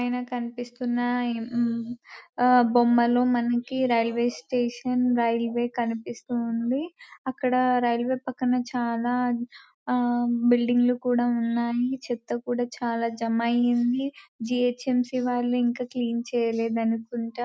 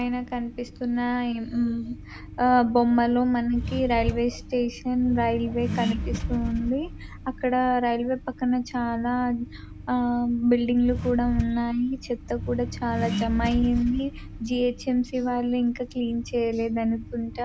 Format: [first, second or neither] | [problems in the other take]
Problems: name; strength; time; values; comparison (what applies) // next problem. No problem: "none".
first | background sound (Accelerating, revving, vroom); 9 dB below the speech